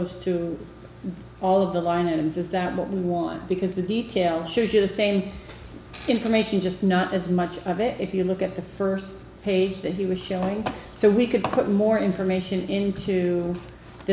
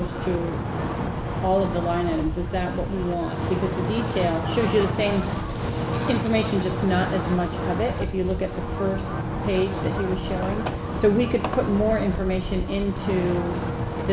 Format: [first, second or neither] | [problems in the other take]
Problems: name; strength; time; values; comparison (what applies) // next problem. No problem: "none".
first | background sound (Wind); 2 dB below the speech